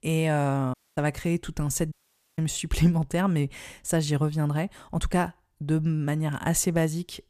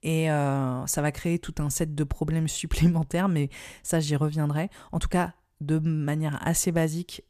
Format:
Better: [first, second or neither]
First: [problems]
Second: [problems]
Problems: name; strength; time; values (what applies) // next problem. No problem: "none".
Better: second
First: audio cutting out; at 0.5 s and at 2 s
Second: none